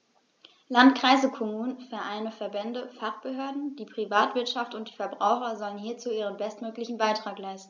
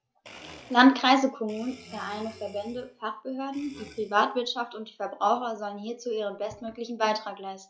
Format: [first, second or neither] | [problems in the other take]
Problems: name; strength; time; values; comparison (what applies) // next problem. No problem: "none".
first | noise reduction (classical method log-MMSE)